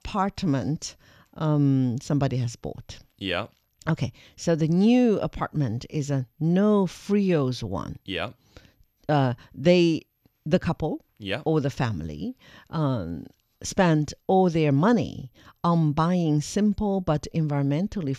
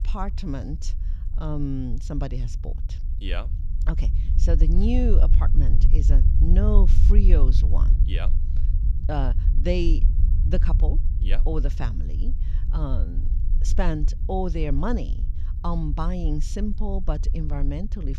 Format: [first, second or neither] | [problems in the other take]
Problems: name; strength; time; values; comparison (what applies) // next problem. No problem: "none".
first | low rumble; noticeable; throughout; 10 dB below the speech